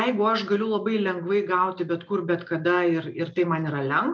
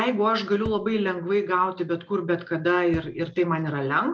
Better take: first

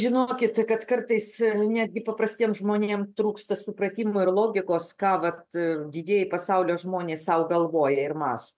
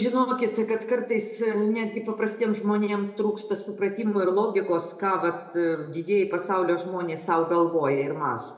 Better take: first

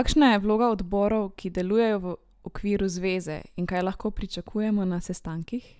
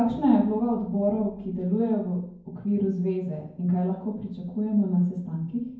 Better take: first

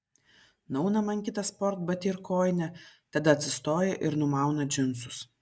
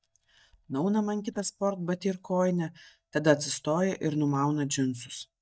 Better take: first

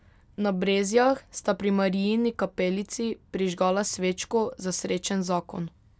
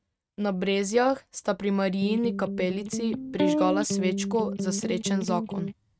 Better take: first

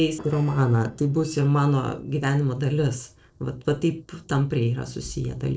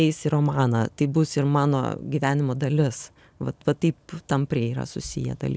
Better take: second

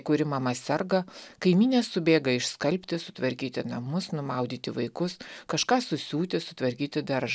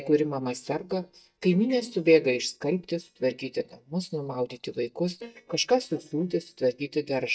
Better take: first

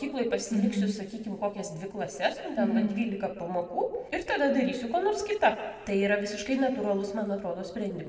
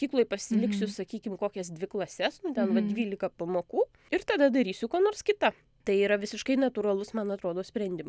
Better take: second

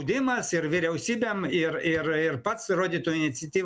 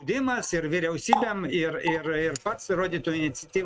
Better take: first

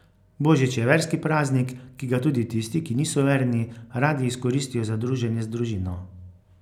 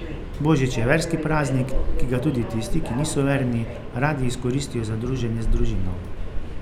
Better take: first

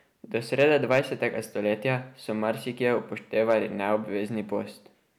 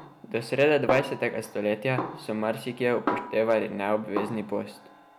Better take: first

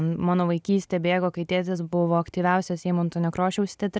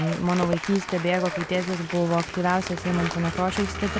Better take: first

